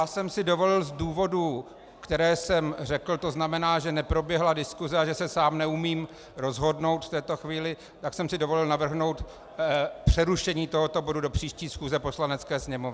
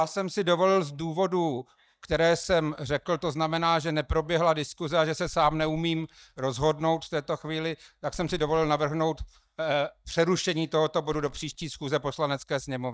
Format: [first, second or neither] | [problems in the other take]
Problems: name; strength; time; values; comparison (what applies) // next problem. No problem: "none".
first | noise reduction (neural mask model DeepFilterNet 3)